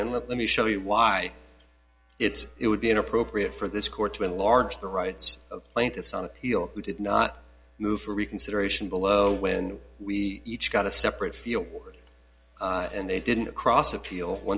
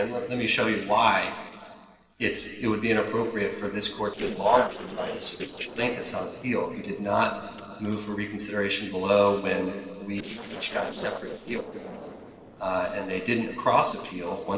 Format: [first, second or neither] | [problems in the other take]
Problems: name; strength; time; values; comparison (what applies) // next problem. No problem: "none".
first | noise reduction (neural separator model SepFormer DNS4)